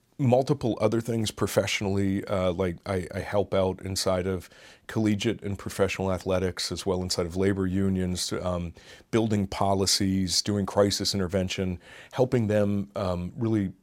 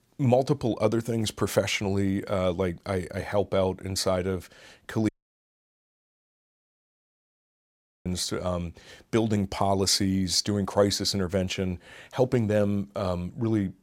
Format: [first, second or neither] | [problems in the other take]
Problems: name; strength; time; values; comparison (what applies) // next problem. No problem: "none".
first | audio cutting out; at 5 s for 3 s